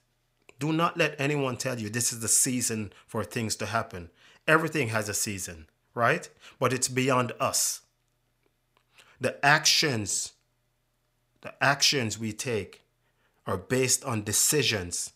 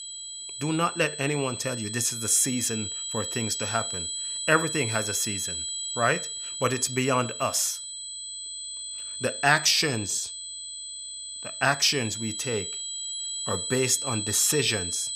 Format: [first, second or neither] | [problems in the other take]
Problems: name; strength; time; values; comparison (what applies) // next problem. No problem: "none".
first | high-pitched whine; loud; throughout; 8 kHz, 6 dB below the speech